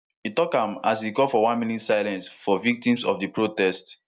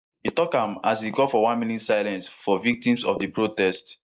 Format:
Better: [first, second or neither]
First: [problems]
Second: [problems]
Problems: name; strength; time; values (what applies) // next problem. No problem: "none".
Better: first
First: none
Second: noise reduction (neural mask model Resemble Enhance denoiser)